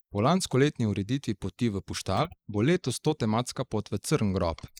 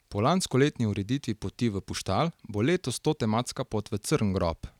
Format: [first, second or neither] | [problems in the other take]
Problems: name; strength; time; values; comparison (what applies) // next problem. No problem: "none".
second | noise reduction (neural mask model Resemble Enhance denoiser)